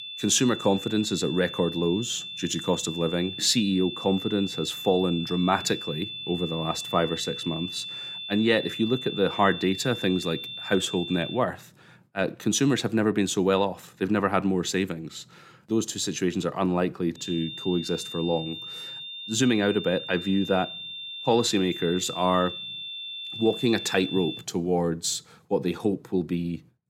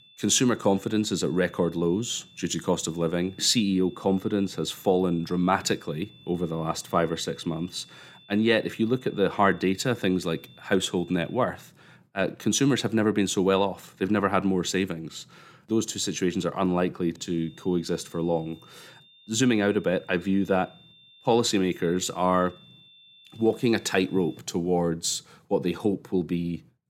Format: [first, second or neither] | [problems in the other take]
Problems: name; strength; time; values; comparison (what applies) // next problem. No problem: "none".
second | high-pitched whine; loud; until 11 s and from 17 to 24 s; 3.5 kHz, 8 dB below the speech; faint in the second